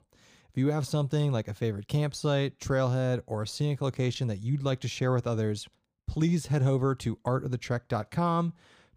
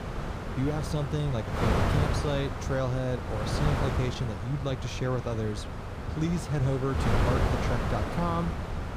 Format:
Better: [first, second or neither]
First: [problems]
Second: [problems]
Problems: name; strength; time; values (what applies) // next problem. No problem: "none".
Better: first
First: none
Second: wind noise on the microphone; heavy; as loud as the speech